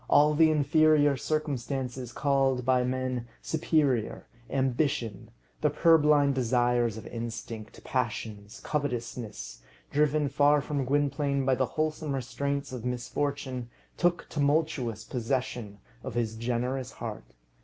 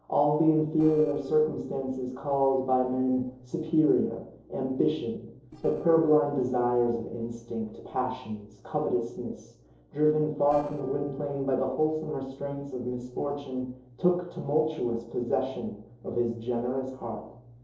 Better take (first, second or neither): first